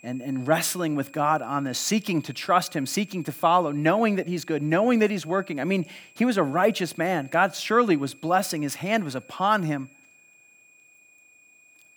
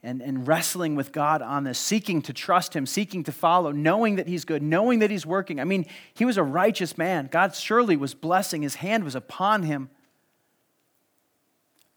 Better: second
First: high-pitched whine; faint; throughout; 2.5 kHz, 25 dB below the speech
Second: none

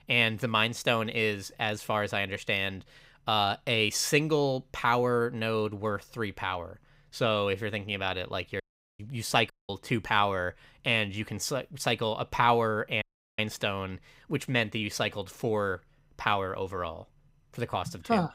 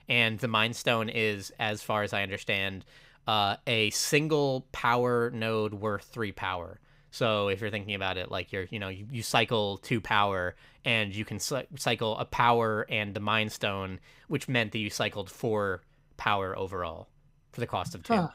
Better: second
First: audio cutting out; at 8.5 s, at 9.5 s and at 13 s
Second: none

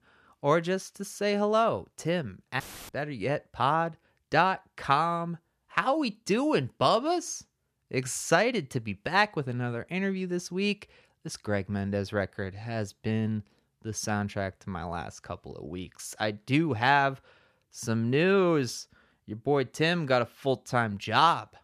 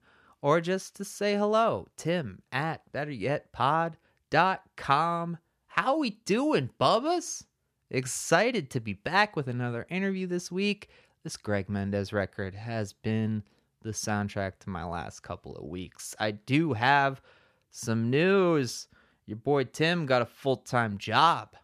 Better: second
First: audio cutting out; filled with static; at 2.5 s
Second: none

